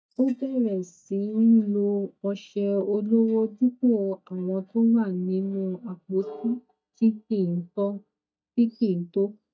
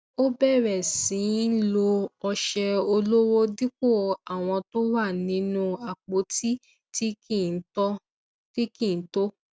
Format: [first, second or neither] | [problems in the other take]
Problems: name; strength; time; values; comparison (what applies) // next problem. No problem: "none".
second | noise reduction (neural mask model DeepFilterNet 3)